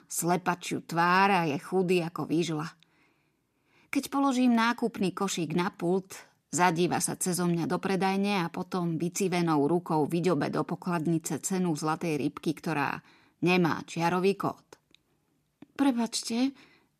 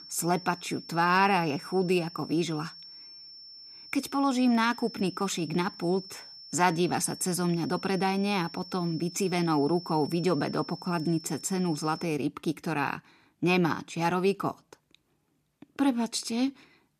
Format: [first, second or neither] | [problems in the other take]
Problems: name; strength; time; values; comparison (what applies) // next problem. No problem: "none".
first | high-pitched whine; noticeable; until 12 s; 5.5 kHz, 15 dB below the speech